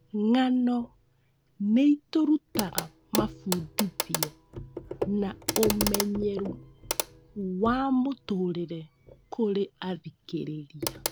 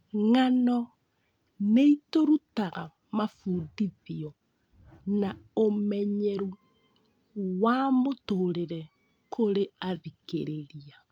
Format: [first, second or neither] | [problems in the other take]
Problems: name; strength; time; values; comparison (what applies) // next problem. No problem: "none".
second | background sound (Clock); 7 dB below the speech